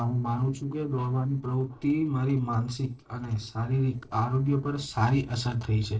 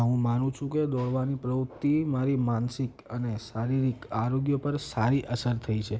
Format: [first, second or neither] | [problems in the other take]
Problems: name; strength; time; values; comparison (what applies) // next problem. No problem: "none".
second | noise reduction (neural separator model SepFormer DNS4)